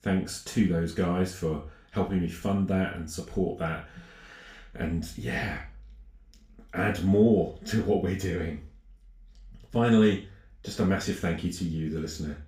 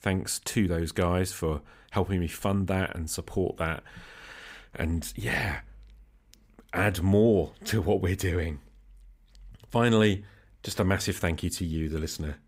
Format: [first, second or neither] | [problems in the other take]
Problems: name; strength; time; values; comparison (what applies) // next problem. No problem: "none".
second | room echo; slight; dies away in 0.3 s // off-mic speech; far